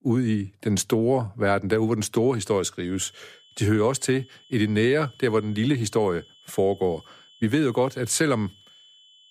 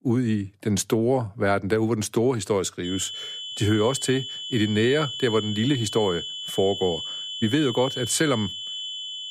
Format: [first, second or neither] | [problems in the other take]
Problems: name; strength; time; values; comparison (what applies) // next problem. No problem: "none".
first | high-pitched whine; loud; from 3 s on; 3 kHz, 7 dB below the speech; faint in the first